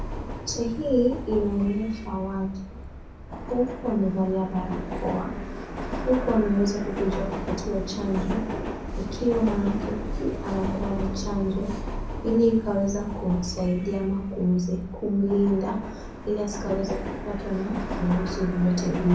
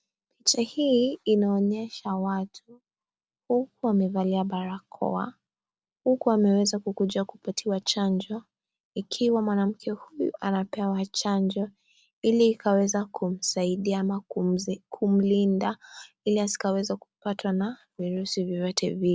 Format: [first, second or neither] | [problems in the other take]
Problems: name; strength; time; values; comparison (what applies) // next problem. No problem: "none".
second | background sound (Subway, metro, underground); 6 dB below the speech // room echo; dies away in 0.6 s